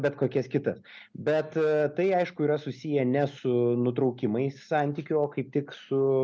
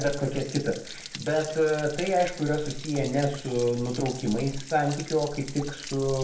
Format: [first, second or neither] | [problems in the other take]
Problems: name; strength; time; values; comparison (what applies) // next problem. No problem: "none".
first | background sound (Stream / Trickle, dribble / Splash, splatter); 11 dB below the speech // room echo; dies away in 0.6 s